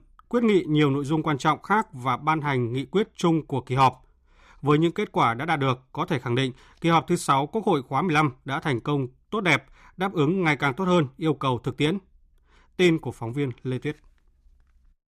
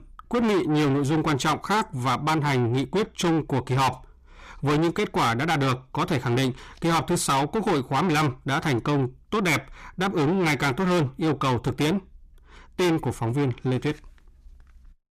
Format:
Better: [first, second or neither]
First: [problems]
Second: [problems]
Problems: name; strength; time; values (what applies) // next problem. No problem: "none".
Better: first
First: none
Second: distortion; heavy; 6 dB below the speech